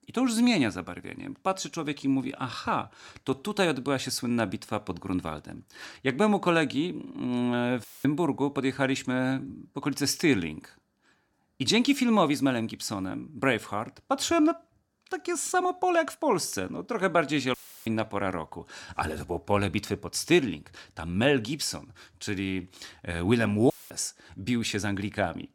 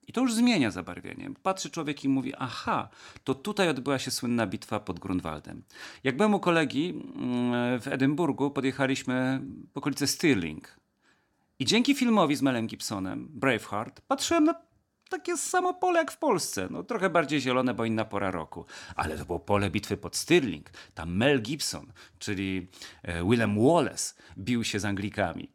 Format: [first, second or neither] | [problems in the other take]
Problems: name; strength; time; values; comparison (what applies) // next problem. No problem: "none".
second | audio cutting out; filled with static; at 8 s, at 18 s and at 24 s